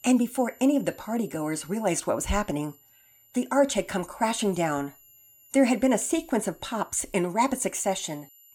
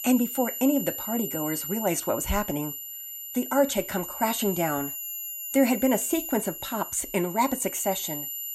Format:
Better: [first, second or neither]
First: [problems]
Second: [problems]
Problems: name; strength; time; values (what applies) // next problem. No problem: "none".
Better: first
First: high-pitched whine; faint; throughout; 12 kHz, 25 dB below the speech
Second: high-pitched whine; loud; throughout; 12 kHz, 6 dB below the speech